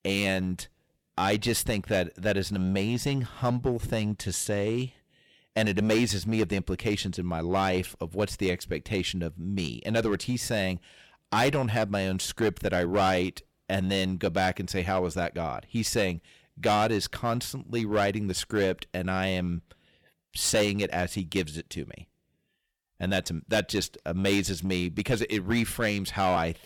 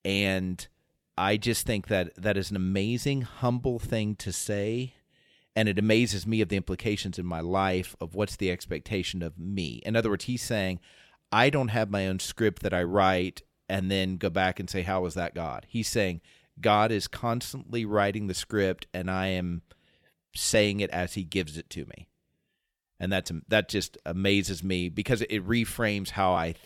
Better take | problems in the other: second | distortion; slight; 6% of the sound clipped

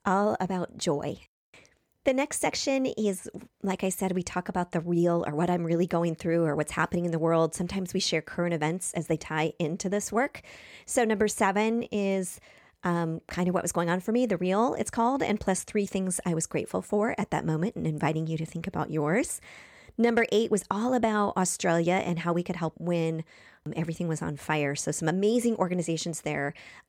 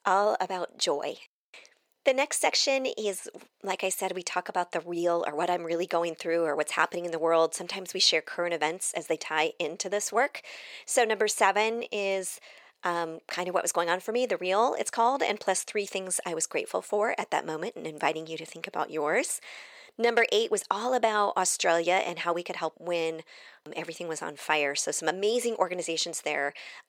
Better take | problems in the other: first | thin; very; fading below 550 Hz

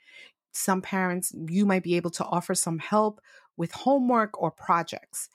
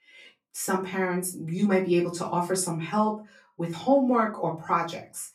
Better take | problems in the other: first | off-mic speech; far // room echo; very slight; dies away in 0.2 s

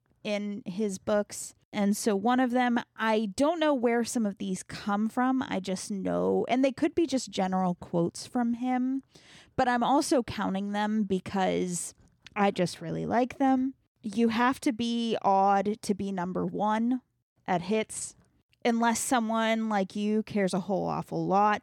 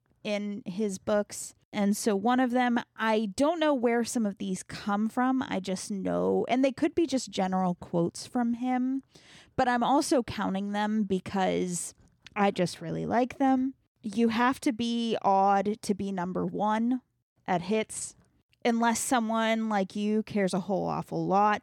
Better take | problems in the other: neither | none

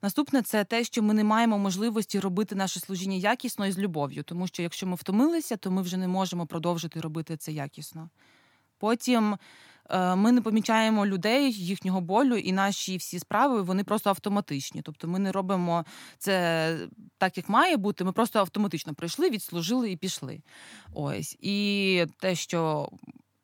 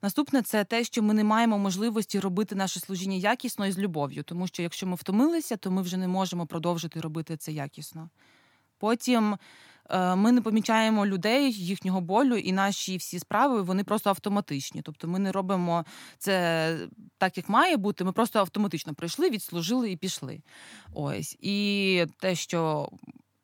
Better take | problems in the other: neither | none

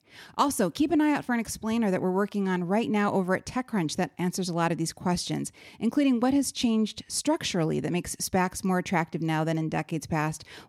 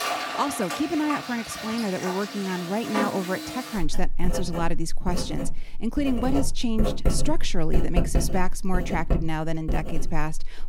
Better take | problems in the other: first | household noises; loud; throughout; 2 dB below the speech

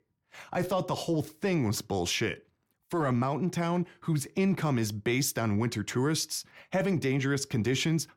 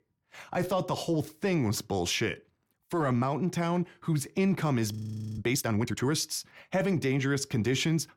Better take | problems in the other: first | audio freezing; at 5 s

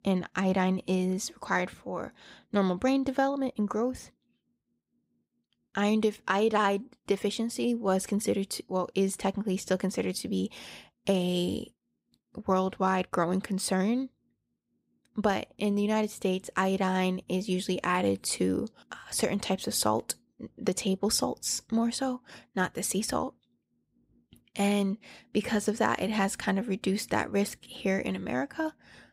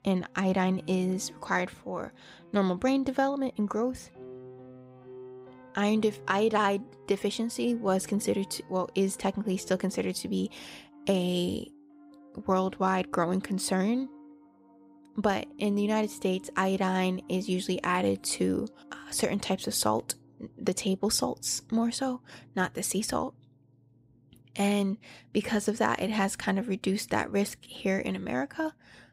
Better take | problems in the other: first | background music; faint; throughout; 20 dB below the speech

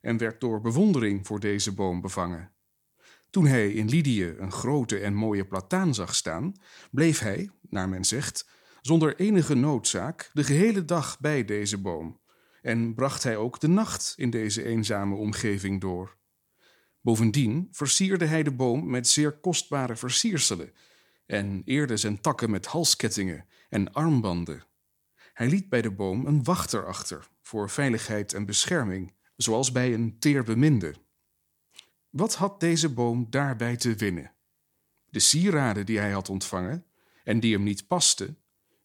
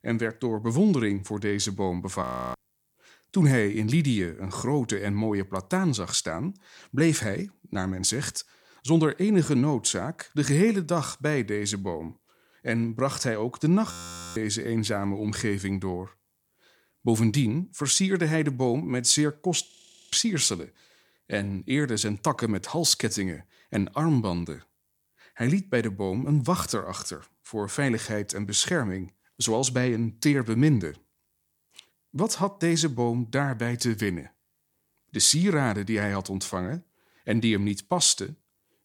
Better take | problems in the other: first | audio freezing; at 2 s, at 14 s and at 20 s

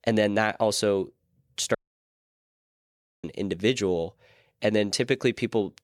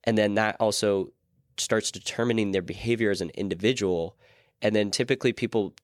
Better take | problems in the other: second | audio cutting out; at 2 s for 1.5 s

